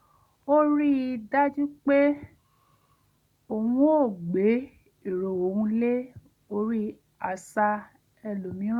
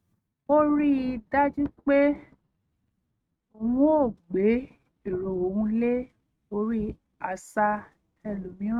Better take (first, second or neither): first